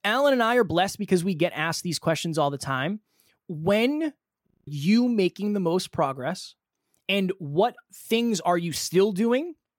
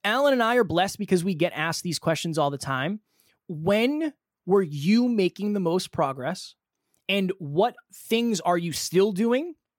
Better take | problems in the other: second | audio freezing; at 4.5 s

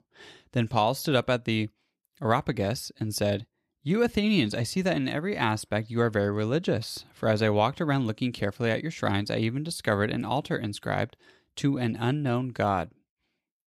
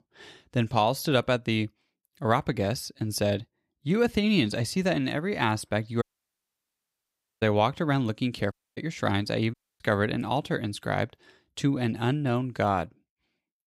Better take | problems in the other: first | audio cutting out; at 6 s for 1.5 s, at 8.5 s and at 9.5 s

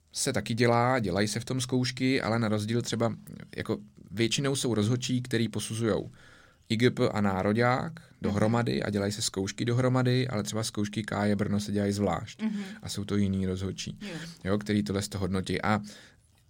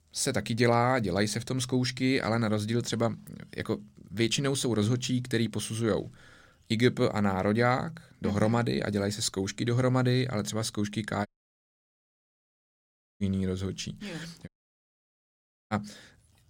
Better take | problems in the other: first | audio cutting out; at 11 s for 2 s and at 14 s for 1 s

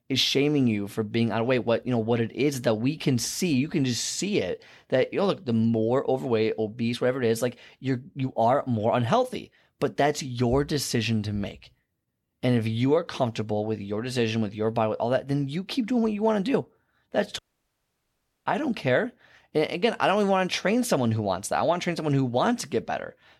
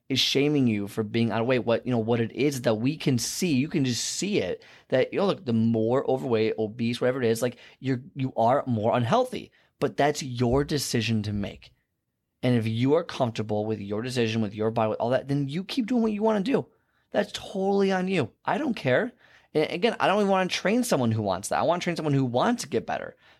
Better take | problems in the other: second | audio cutting out; at 17 s for 1 s

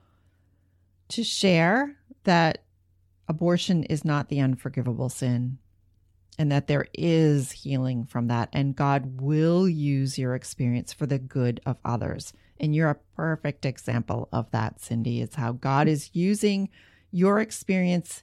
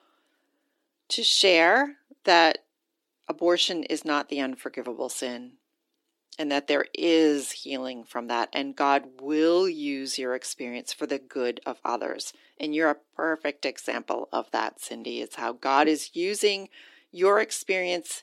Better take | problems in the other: first | thin; very; fading below 300 Hz

